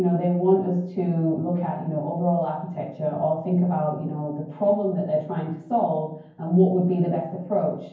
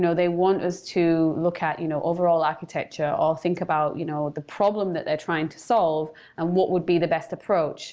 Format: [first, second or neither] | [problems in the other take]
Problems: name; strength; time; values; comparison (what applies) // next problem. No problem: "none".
second | room echo; dies away in 0.9 s